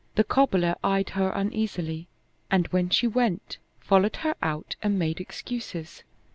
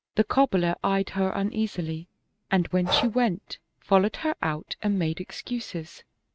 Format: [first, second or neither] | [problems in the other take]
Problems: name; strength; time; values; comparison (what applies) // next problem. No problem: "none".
first | noise reduction (neural mask model RNNoise)